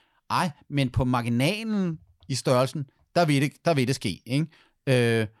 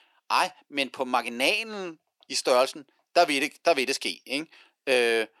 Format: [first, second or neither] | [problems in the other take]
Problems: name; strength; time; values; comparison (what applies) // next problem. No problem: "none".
first | thin; somewhat; fading below 350 Hz